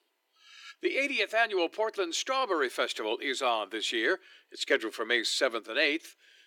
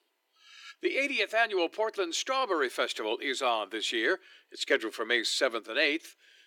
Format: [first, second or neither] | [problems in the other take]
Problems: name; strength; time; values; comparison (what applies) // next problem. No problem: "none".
neither | thin; very; fading below 350 Hz; the same in both